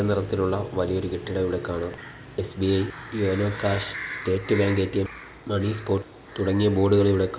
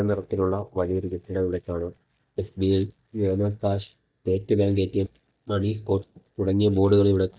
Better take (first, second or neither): first